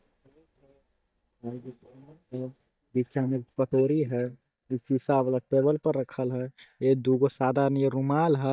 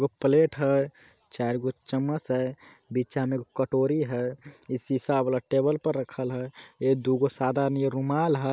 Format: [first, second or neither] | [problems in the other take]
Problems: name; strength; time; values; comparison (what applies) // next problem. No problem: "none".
second | noise reduction (neural mask model DeepFilterNet 3)